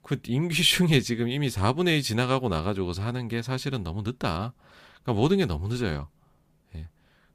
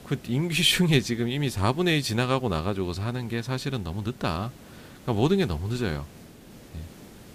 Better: first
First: none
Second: hiss; faint; throughout; 20 dB below the speech

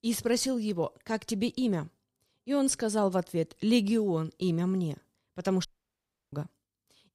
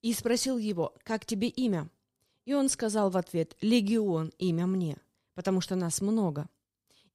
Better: second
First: audio cutting out; at 5.5 s for 0.5 s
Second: none

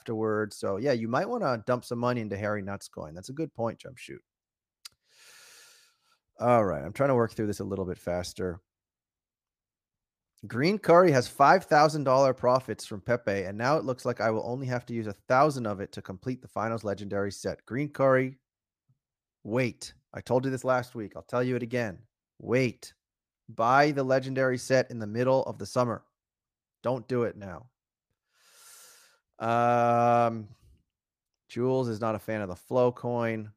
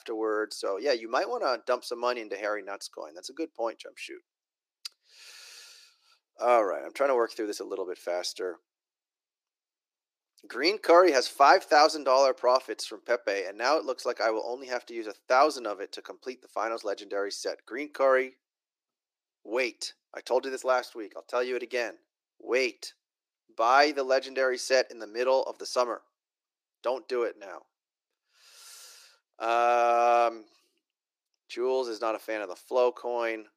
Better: first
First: none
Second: thin; very; fading below 350 Hz

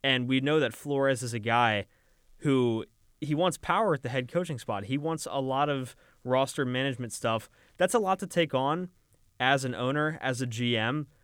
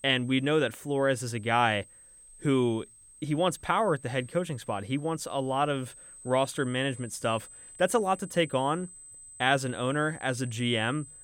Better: first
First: none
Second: high-pitched whine; noticeable; throughout; 8 kHz, 20 dB below the speech

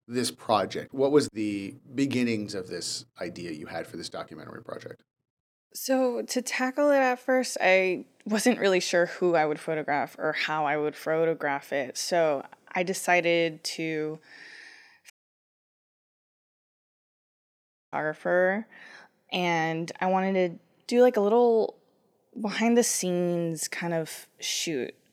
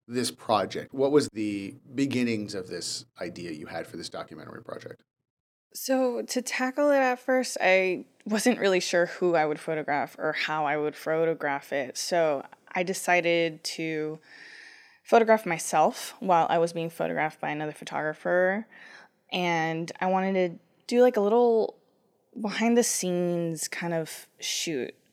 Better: second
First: audio cutting out; at 15 s for 3 s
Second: none

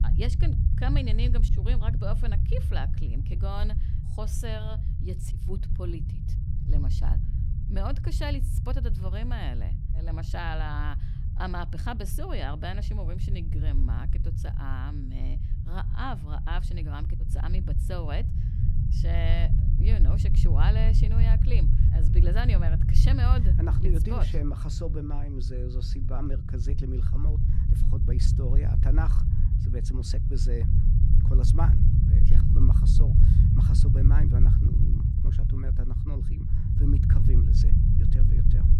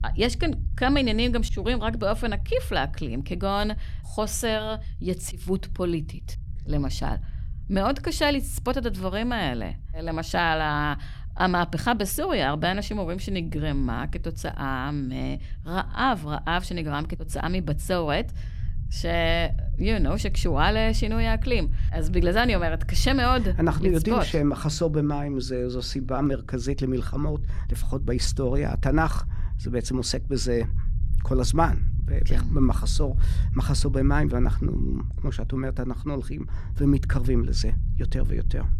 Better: second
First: low rumble; loud; throughout; 2 dB below the speech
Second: low rumble; faint; throughout; 20 dB below the speech

